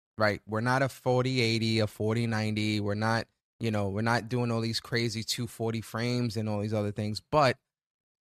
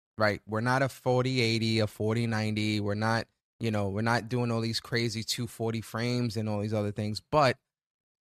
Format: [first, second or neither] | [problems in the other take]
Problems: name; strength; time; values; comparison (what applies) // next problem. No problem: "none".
neither | none